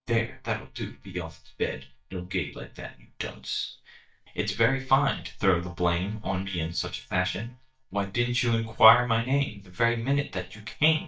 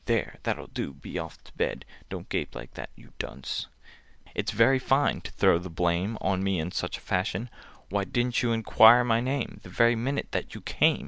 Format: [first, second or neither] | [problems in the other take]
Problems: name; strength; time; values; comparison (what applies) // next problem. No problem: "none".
second | noise reduction (neural mask model DeepFilterNet 3)